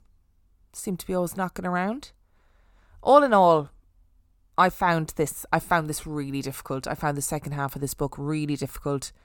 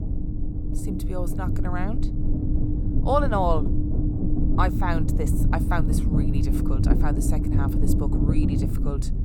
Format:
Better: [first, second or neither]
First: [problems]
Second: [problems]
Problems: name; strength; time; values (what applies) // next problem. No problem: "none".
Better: first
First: none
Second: low rumble; loud; throughout; 5 dB below the speech